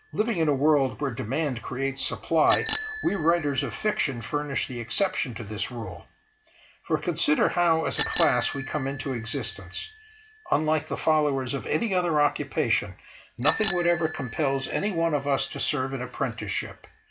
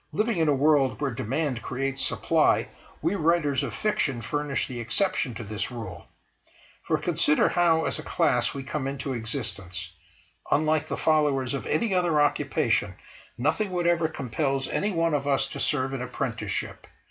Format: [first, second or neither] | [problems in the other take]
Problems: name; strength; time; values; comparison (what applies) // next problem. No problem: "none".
second | background sound (Bicycle bell); 14 dB below the speech